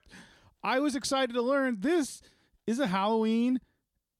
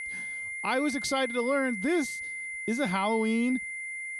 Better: first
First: none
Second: high-pitched whine; loud; throughout; 2 kHz, 5 dB below the speech

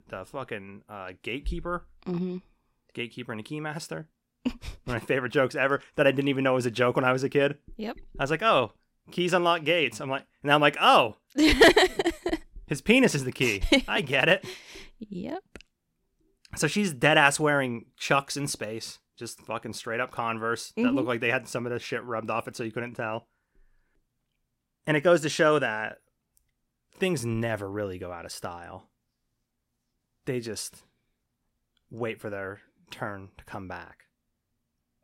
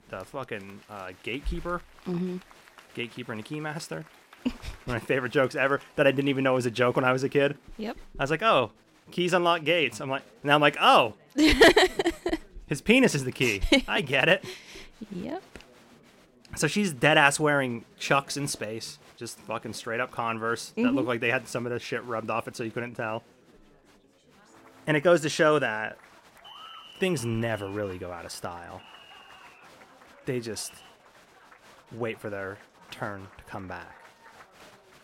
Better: first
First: none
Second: crowd noise; faint; throughout; 25 dB below the speech

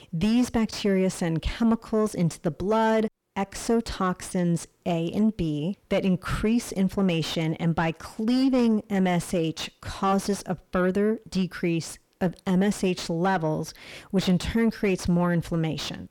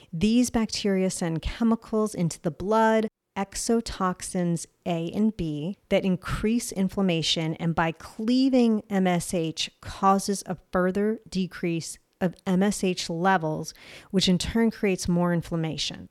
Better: second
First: distortion; slight; 10 dB below the speech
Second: none

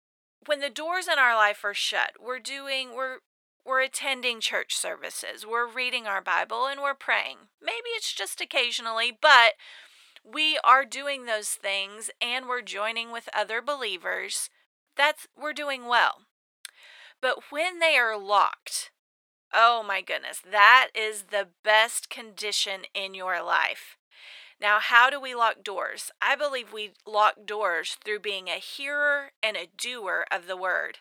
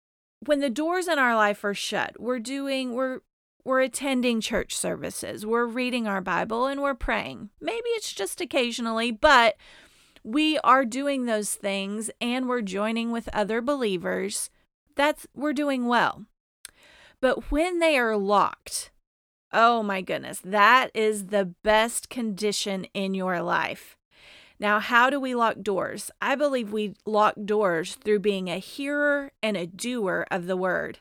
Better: second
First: thin; very; fading below 800 Hz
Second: none

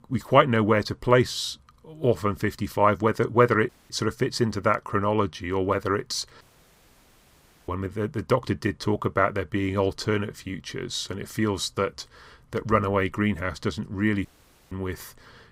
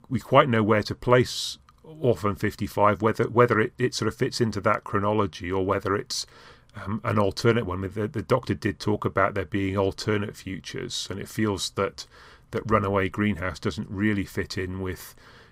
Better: second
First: audio cutting out; at 3.5 s, at 6.5 s for 1.5 s and at 14 s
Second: none

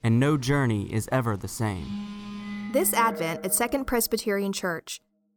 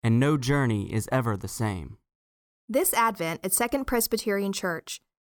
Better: second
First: alarms or sirens; noticeable; until 3 s; 10 dB below the speech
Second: none

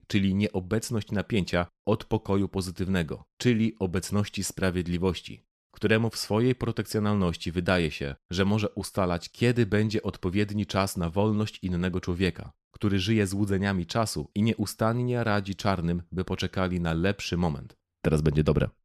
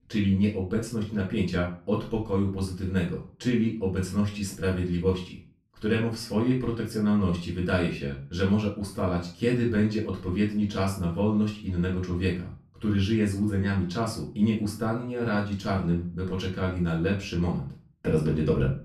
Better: first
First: none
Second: off-mic speech; far // room echo; slight; dies away in 0.3 s

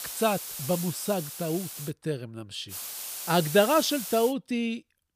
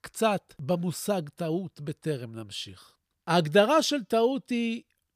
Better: second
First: hiss; loud; until 2 s and from 2.5 to 4.5 s; 7 dB below the speech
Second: none

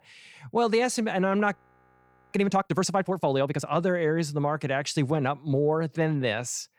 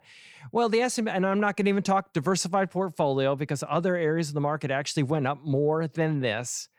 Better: second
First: audio freezing; at 1.5 s for 1 s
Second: none

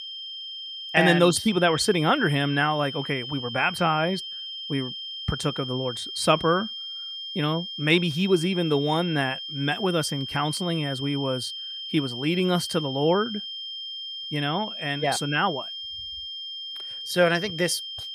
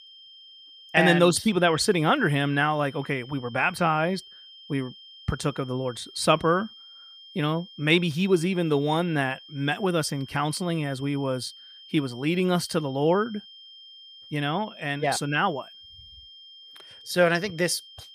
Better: second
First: high-pitched whine; loud; throughout; 3 kHz, 8 dB below the speech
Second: high-pitched whine; faint; throughout; 3 kHz, 20 dB below the speech

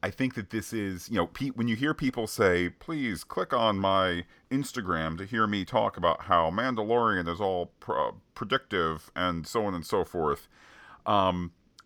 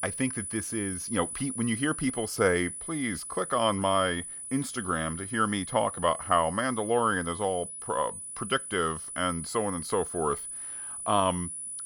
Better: first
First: none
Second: high-pitched whine; loud; throughout; 10 kHz, 7 dB below the speech

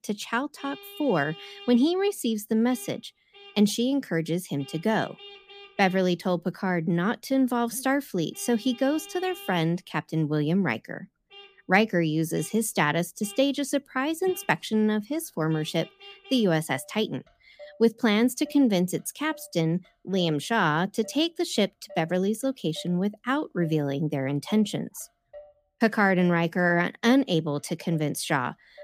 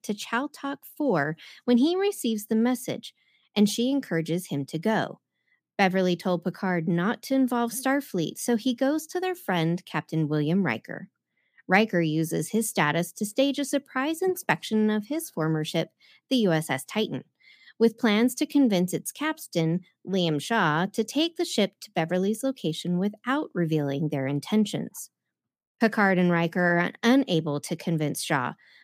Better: second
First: traffic noise; faint; throughout; 20 dB below the speech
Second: none

